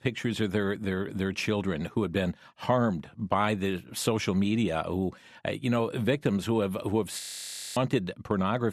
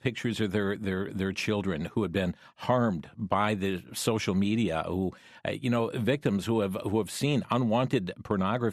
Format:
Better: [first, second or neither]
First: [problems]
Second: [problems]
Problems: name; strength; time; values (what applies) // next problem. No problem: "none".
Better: second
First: audio freezing; at 7 s for 0.5 s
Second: none